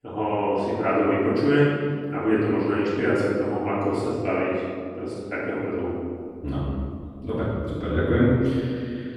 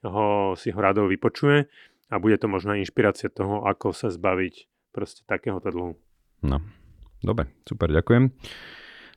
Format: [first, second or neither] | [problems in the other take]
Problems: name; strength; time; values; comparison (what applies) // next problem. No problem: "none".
second | off-mic speech; far // room echo; strong; dies away in 2 s